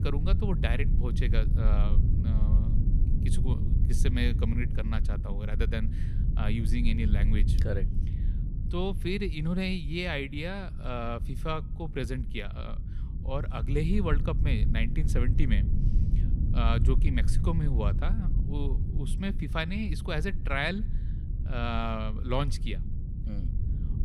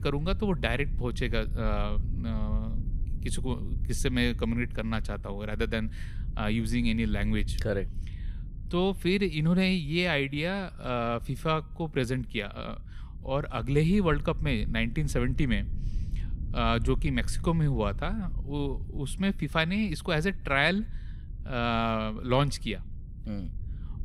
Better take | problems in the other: second | low rumble; loud; throughout; 10 dB below the speech; faint in the second

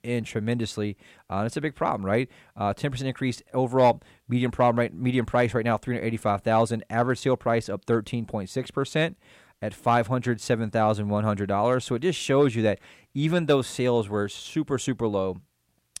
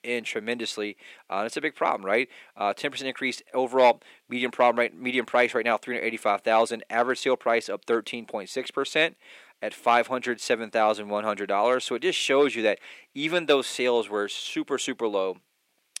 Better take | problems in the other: first | thin; somewhat; fading below 300 Hz

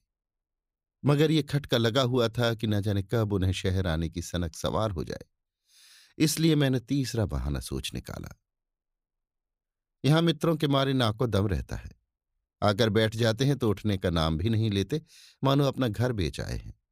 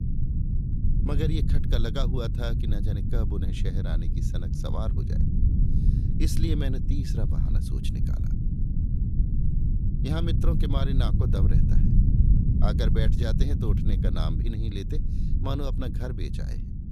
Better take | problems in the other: first | low rumble; loud; throughout; 3 dB below the speech

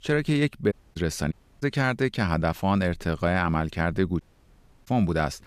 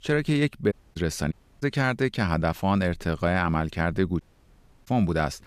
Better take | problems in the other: neither | audio cutting out; at 0.5 s, at 1.5 s and at 4 s for 0.5 s; the same in both

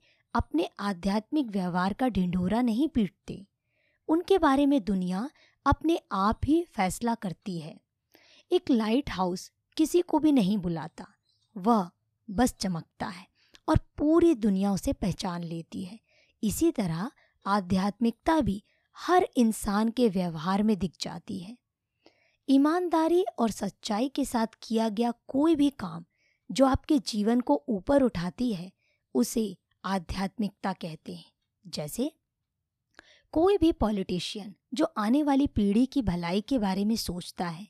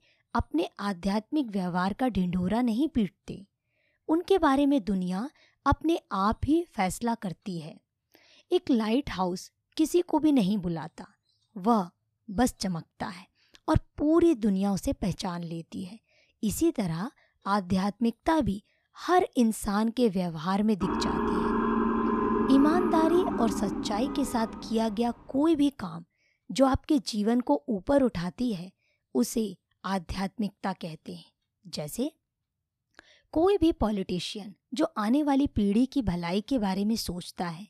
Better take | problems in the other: first | siren; loud; from 21 to 25 s; peak 2 dB above the speech

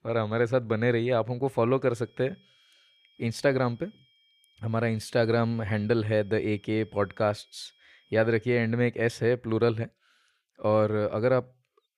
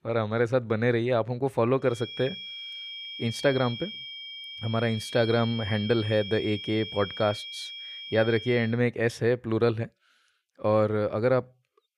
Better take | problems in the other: first | high-pitched whine; loud; from 2 to 8.5 s; 3.5 kHz, 10 dB below the speech; faint in the first

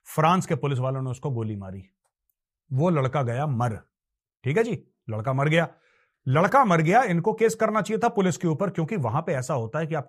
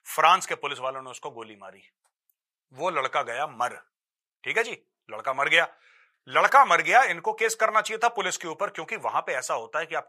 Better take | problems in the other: first | thin; very; fading below 800 Hz

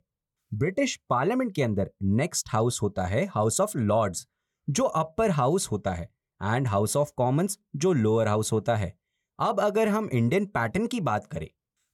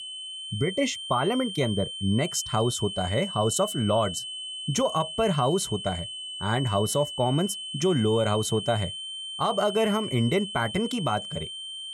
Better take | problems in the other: first | high-pitched whine; loud; throughout; 3 kHz, 7 dB below the speech

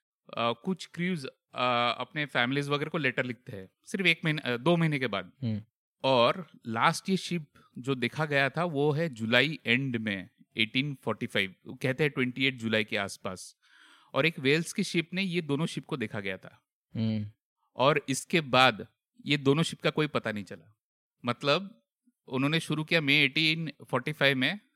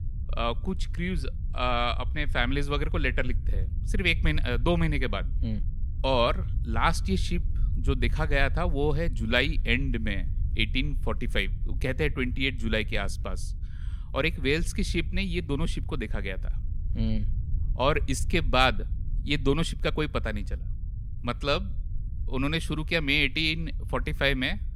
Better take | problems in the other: first | low rumble; faint; throughout; 25 dB below the speech

